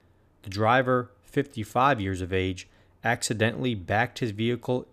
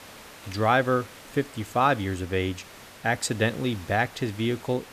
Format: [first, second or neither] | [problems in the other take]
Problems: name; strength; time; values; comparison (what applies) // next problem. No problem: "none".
first | hiss; noticeable; throughout; 20 dB below the speech